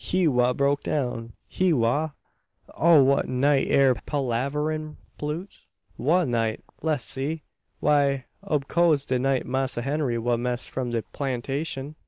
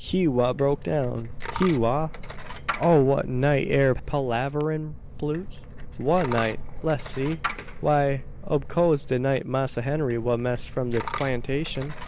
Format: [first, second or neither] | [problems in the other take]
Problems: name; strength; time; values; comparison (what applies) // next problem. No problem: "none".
first | background sound (Coin (dropping)); 9 dB below the speech